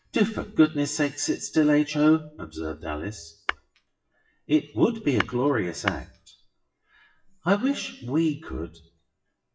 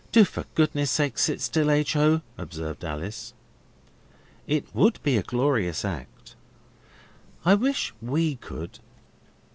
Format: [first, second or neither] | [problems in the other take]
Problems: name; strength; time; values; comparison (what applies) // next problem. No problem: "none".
second | noise reduction (classical method WPE with log-MMSE)